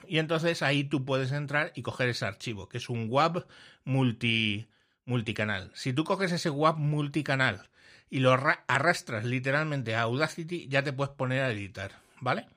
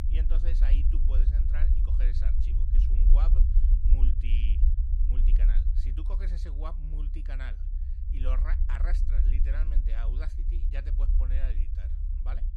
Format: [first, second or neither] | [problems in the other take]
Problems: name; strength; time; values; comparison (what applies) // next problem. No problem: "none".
first | low rumble; loud; throughout; 3 dB below the speech